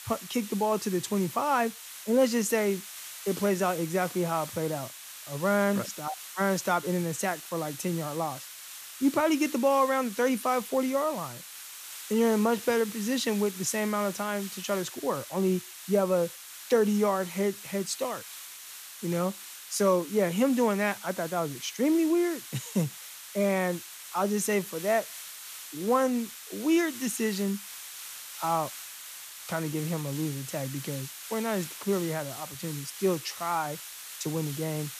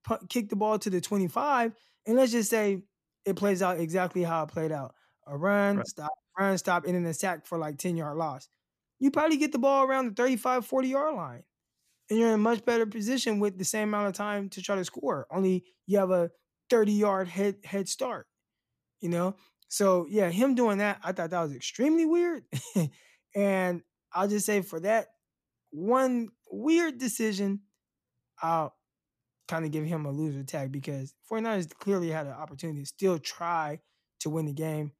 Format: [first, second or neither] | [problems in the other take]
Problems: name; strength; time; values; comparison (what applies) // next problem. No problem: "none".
second | hiss; noticeable; throughout; 10 dB below the speech